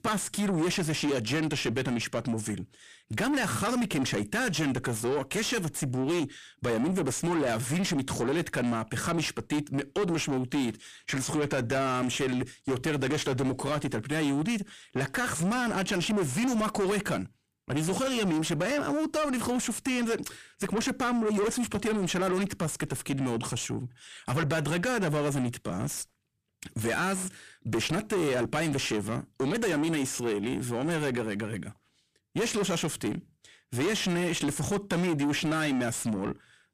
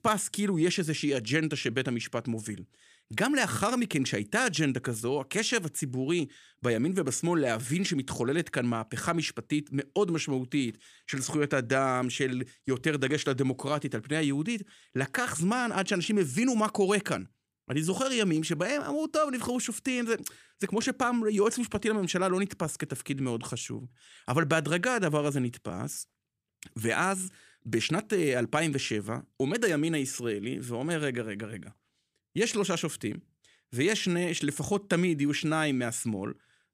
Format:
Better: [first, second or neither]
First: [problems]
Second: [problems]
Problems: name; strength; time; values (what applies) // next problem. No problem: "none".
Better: second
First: distortion; heavy; 6 dB below the speech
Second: none